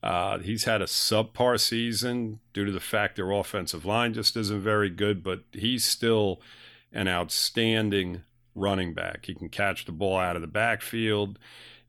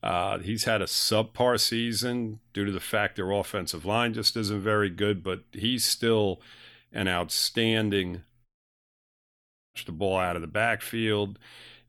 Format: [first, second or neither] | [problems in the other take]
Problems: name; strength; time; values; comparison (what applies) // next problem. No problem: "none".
first | audio cutting out; at 8.5 s for 1.5 s